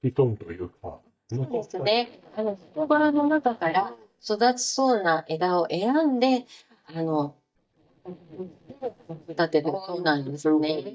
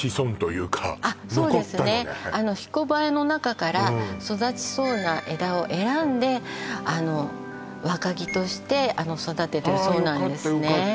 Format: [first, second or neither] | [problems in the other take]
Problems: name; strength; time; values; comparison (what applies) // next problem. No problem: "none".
second | noise reduction (neural mask model DeepFilterNet 3)